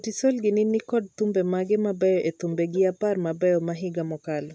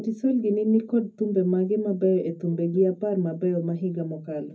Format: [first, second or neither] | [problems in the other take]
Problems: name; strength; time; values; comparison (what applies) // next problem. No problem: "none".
first | room echo; dies away in 0.4 s